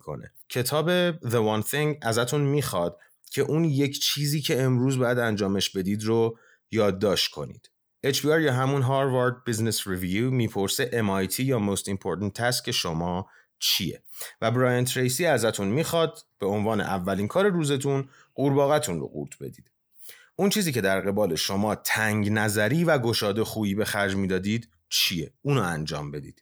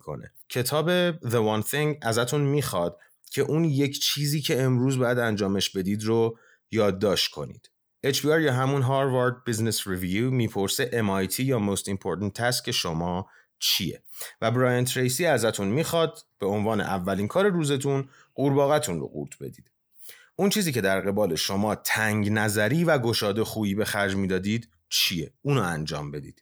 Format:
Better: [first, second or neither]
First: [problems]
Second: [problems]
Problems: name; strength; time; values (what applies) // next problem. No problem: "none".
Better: neither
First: none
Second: none